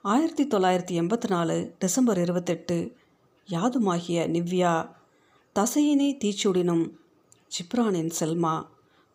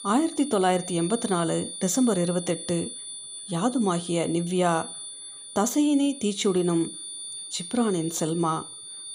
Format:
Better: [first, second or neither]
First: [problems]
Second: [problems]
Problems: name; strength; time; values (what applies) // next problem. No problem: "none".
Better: first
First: none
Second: high-pitched whine; noticeable; throughout; 9.5 kHz, 10 dB below the speech